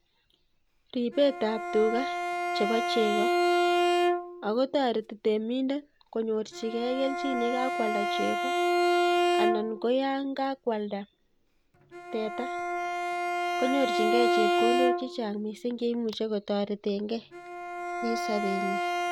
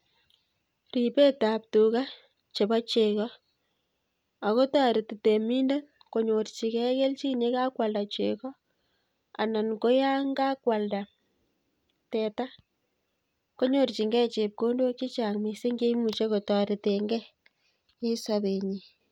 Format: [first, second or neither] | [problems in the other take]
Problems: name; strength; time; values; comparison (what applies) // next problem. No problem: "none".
second | background sound (Bowed string instrument); 1 dB above the speech